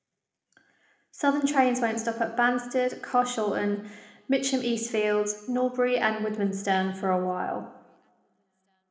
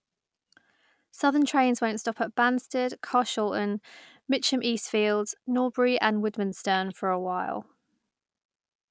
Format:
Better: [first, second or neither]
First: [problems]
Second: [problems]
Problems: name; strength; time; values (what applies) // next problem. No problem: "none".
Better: second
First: room echo; dies away in 0.7 s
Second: none